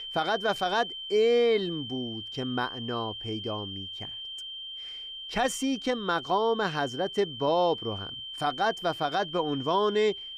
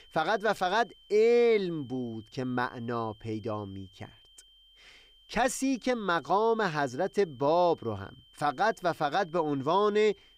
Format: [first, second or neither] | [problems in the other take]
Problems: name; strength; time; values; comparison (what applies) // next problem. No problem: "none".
second | high-pitched whine; loud; throughout; 3 kHz, 8 dB below the speech; faint in the second